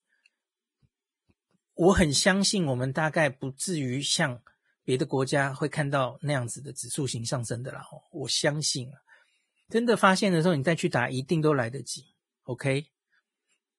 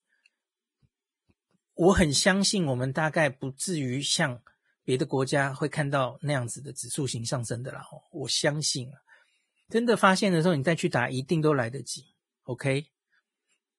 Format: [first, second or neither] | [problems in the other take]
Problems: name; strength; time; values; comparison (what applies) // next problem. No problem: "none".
neither | garbled, watery; badly; nothing above 10.5 kHz; the same in both